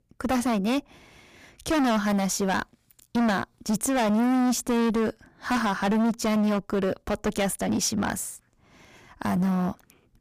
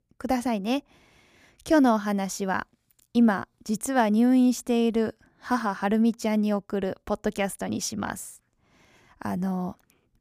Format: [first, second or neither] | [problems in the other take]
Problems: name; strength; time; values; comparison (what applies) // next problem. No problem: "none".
second | distortion; heavy; 20% of the sound clipped